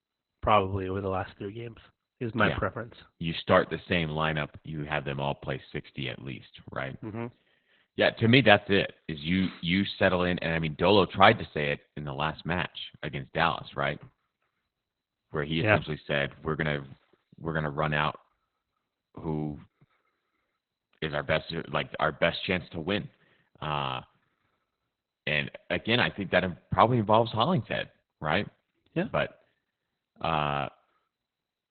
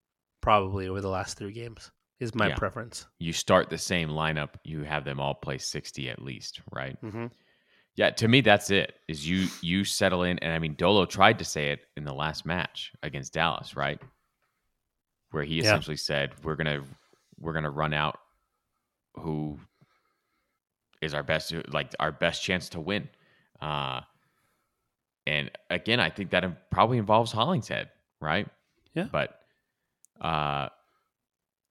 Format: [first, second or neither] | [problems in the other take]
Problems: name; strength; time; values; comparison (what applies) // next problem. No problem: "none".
second | garbled, watery; badly; nothing above 4 kHz